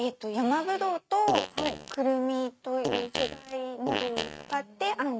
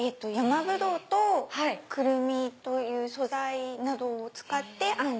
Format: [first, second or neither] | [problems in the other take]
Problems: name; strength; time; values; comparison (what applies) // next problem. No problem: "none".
second | noise reduction (neural mask model RNNoise)